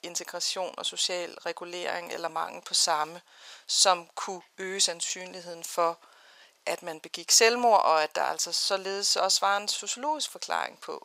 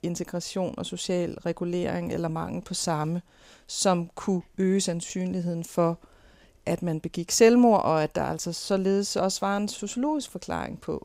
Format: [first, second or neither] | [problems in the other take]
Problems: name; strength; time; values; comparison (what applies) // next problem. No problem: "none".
second | thin; very; fading below 900 Hz